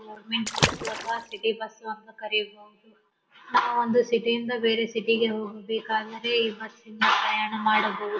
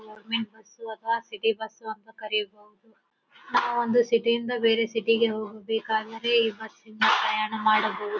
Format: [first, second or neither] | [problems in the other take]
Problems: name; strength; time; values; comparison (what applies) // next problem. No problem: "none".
second | background sound (Water / Splash, splatter); 4 dB below the speech // room echo; dies away in 0.5 s